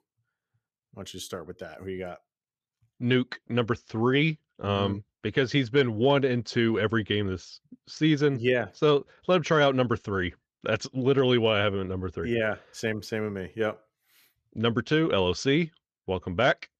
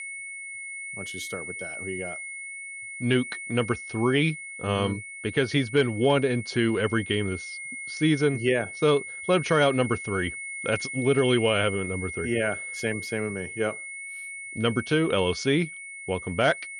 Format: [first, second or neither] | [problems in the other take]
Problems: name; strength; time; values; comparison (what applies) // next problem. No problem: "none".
first | high-pitched whine; loud; throughout; 2 kHz, 9 dB below the speech